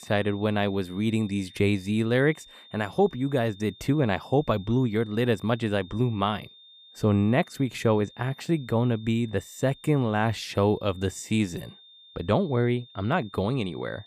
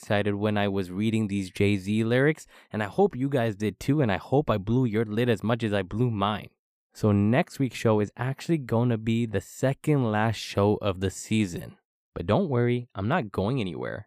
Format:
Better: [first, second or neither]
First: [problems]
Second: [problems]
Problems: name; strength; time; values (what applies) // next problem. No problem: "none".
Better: second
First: high-pitched whine; faint; throughout; 3.5 kHz, 25 dB below the speech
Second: none